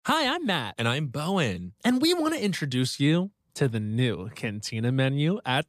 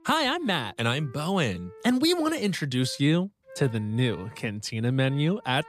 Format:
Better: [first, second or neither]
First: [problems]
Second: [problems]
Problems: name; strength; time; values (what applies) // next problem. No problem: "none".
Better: first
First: none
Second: background music; faint; throughout; 25 dB below the speech